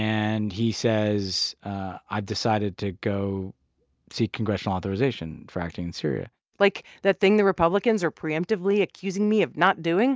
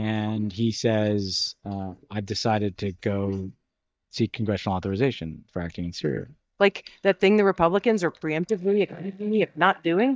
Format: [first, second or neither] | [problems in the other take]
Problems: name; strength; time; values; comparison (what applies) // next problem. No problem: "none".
first | noise reduction (neural mask model DeepFilterNet 3)